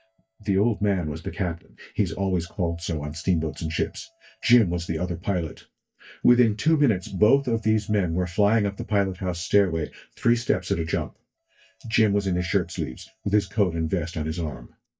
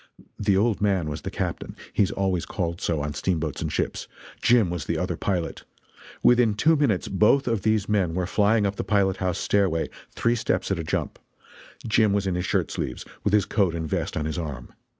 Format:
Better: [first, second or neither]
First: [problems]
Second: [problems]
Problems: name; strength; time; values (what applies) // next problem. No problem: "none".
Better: second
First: noise reduction (neural mask model DeepFilterNet 3)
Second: none